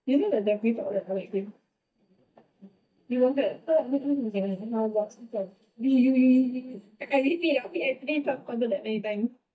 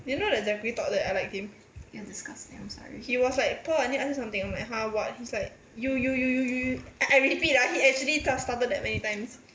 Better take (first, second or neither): second